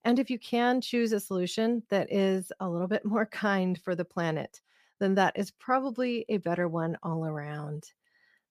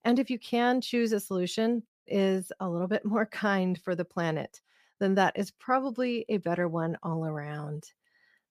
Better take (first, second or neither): first